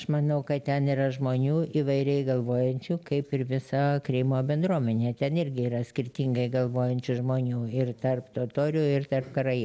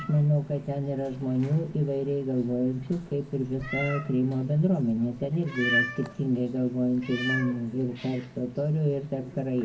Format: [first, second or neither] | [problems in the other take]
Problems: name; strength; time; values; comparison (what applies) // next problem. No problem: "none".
first | background sound (Meow); 10 dB below the speech // room echo; dies away in 0.3 s